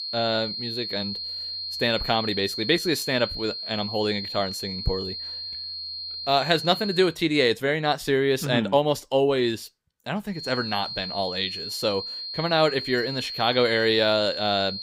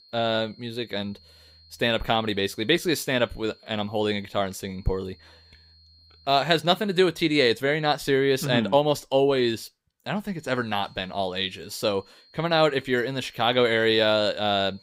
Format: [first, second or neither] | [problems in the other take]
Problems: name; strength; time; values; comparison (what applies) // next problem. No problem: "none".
second | high-pitched whine; loud; until 7 s and from 10 s on; 4.5 kHz, 6 dB below the speech; faint in the second